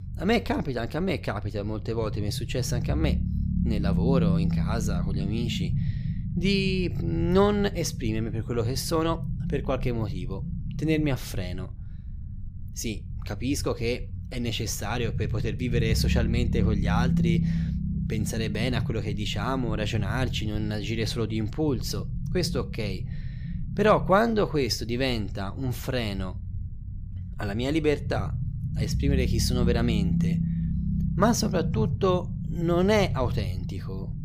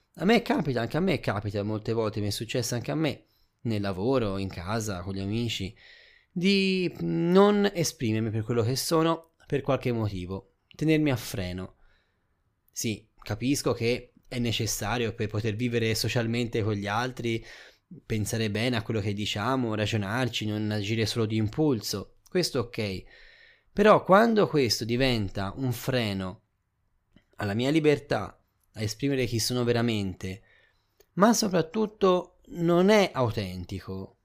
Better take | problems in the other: second | low rumble; noticeable; throughout; 10 dB below the speech

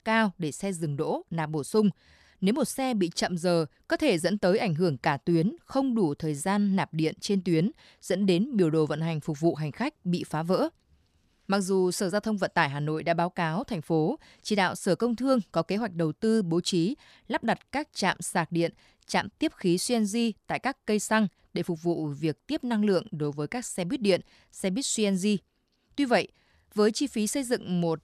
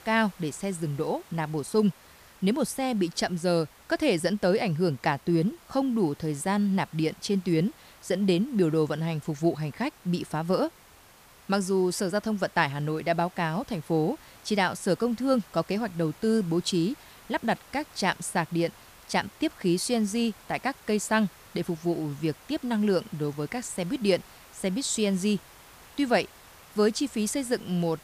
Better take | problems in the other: first | hiss; faint; throughout; 25 dB below the speech

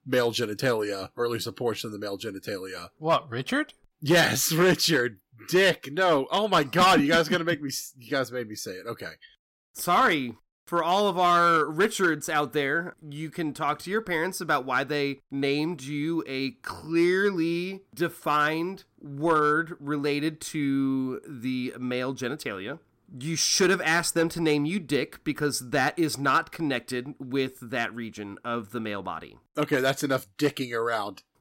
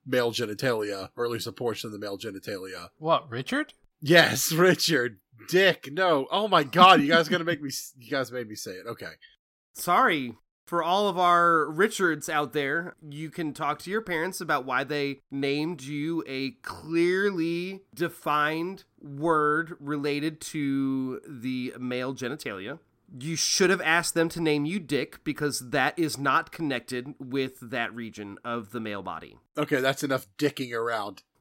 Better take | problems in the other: second | distortion; slight; 1.9% of the sound clipped

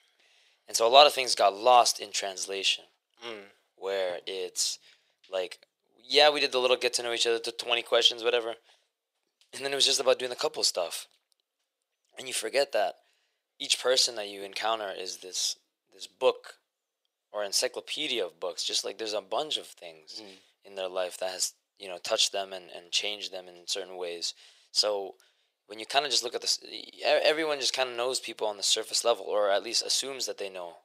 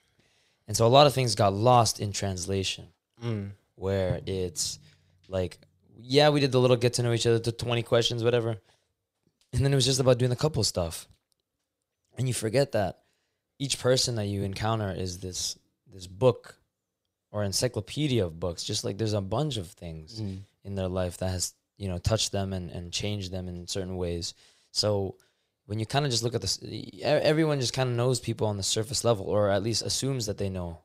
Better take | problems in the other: second | thin; very; fading below 450 Hz

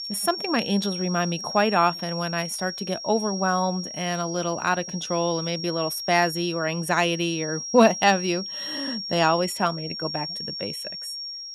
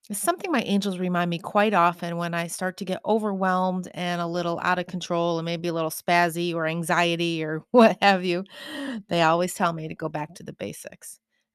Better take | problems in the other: second | high-pitched whine; loud; throughout; 5.5 kHz, 7 dB below the speech

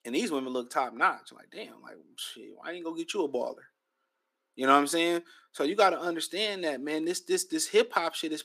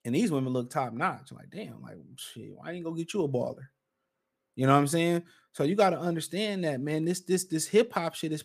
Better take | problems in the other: second | thin; somewhat; fading below 300 Hz

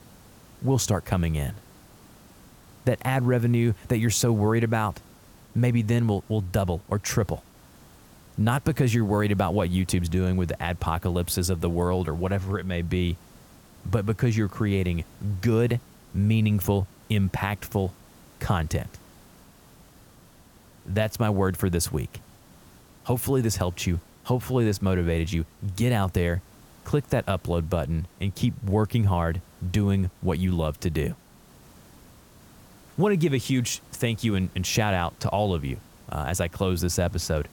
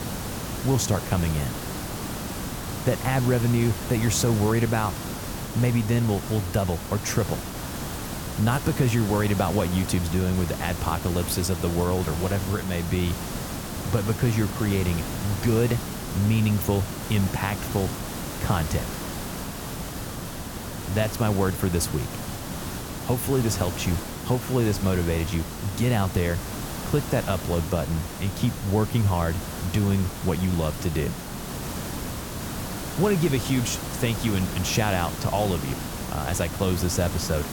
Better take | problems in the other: first | hiss; loud; throughout; 7 dB below the speech; faint in the first

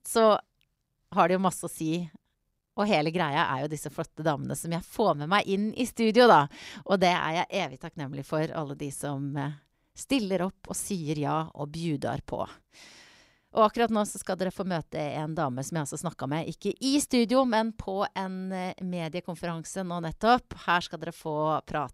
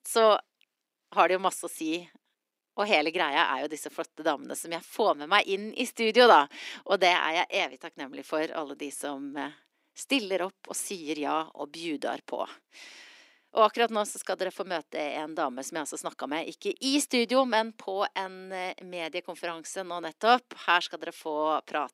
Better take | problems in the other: first | thin; very slightly; fading below 250 Hz

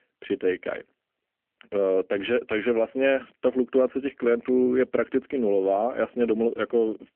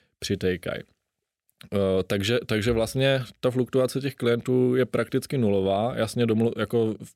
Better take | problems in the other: second | phone-call audio; nothing above 3 kHz

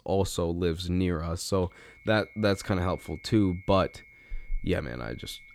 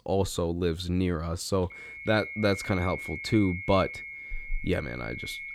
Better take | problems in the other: first | high-pitched whine; loud; from 1.5 s on; 2 kHz, 9 dB below the speech; faint in the first

